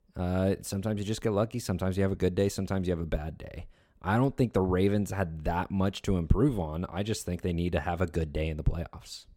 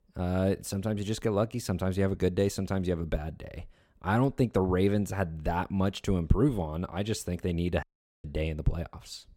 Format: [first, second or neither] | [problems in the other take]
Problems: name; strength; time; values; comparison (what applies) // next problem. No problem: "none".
first | audio cutting out; at 8 s